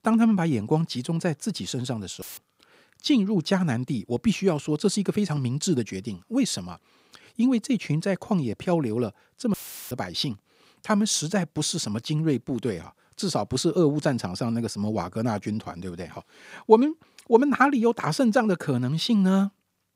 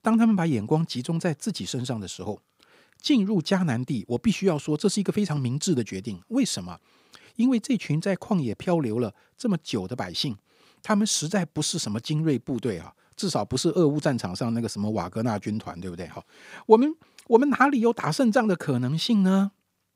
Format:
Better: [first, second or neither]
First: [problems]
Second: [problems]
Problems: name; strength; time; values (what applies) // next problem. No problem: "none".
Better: second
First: audio cutting out; filled with static; at 2 s and at 9.5 s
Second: none